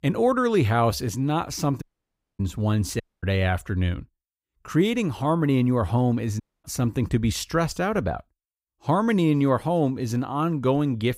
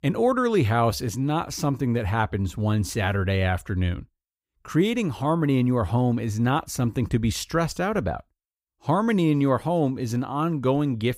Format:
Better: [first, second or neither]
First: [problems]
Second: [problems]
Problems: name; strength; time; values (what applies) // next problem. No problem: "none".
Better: second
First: audio cutting out; at 2 s for 0.5 s, at 3 s and at 6.5 s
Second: none